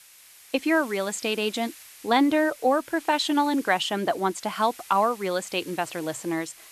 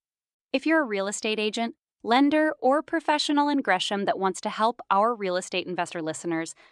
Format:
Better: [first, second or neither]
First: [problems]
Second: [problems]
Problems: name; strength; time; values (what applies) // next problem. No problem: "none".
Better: second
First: hiss; noticeable; throughout; 20 dB below the speech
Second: none